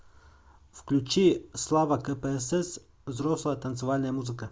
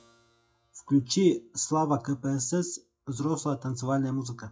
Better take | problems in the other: first | noise reduction (classical method WPE with log-MMSE)

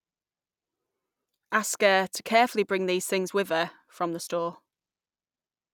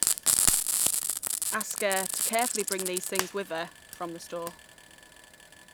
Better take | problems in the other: first | background sound (Frying (food)); 5 dB above the speech

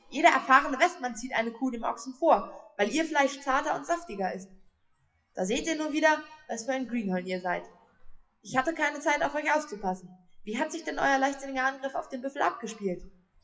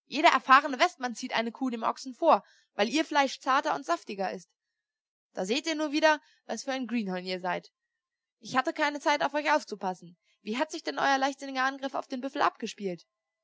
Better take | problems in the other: second | noise reduction (classical method WPE with log-MMSE)

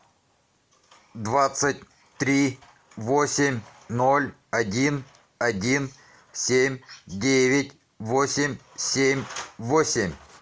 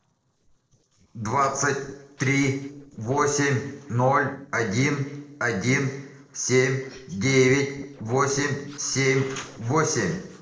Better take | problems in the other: first | noise reduction (neural separator model SepFormer DNS4)

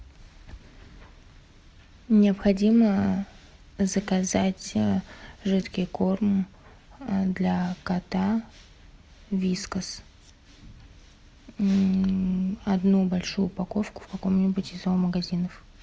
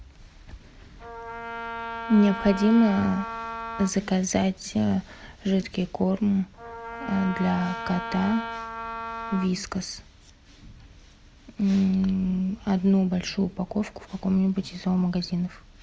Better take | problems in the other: first | background sound (Wind instrument, woodwind instrument); 9 dB below the speech

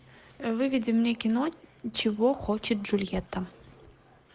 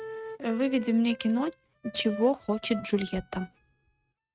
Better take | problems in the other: first | noise reduction (neural mask model RNNoise)

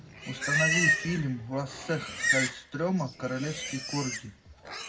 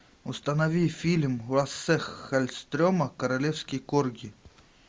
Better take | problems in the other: second | background sound (Livestock, farm animals, working animals); 1 dB above the speech // room echo; dies away in 0.4 s

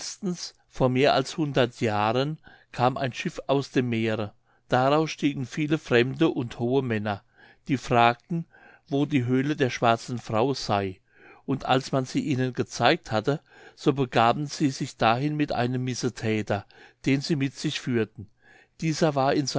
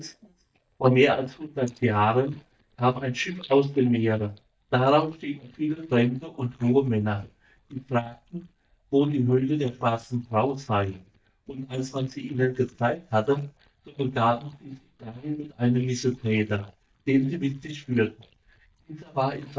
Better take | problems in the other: first | noise reduction (neural mask model DeepFilterNet 3)

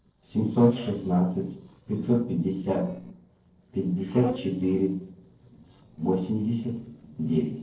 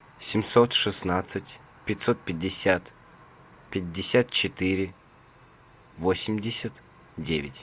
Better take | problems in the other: second | noise reduction (neural separator model SepFormer DNS4)

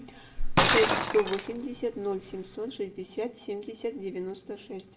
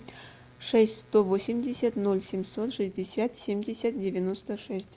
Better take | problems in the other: second | background sound (Shatter); 1 dB above the speech // room echo; dies away in 1.1 s

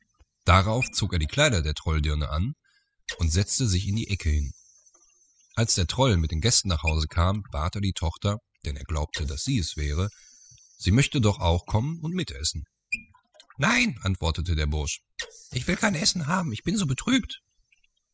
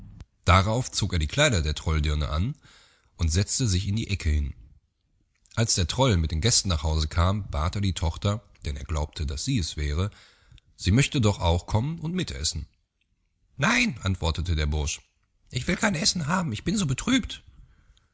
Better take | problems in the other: second | noise reduction (classical method spectral subtraction)

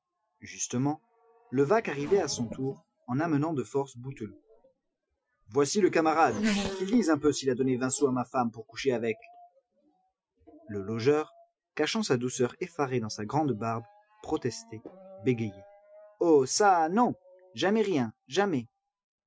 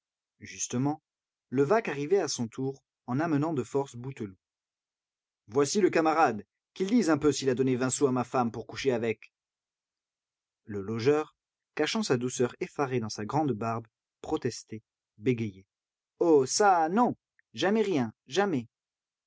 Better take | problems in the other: second | noise reduction (classical method Wiener filter)

